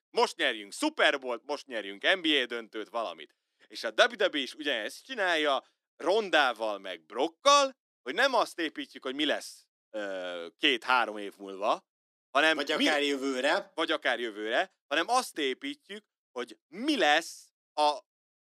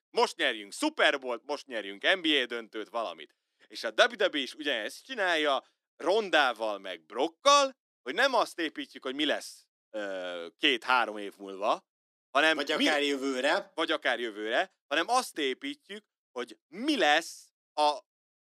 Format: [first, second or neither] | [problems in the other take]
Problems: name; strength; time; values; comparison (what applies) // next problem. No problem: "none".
neither | thin; somewhat; fading below 300 Hz; the same in both